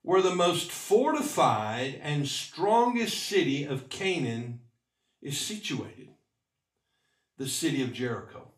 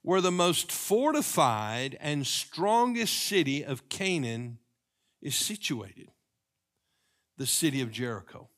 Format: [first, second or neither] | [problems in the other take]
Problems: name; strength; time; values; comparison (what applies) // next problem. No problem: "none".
second | room echo; slight; dies away in 0.3 s // off-mic speech; far